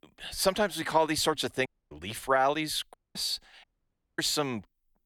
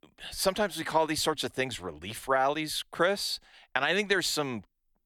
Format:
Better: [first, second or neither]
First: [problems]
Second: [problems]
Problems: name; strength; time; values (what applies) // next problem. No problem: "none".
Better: second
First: audio cutting out; at 1.5 s, at 3 s and at 3.5 s for 0.5 s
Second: none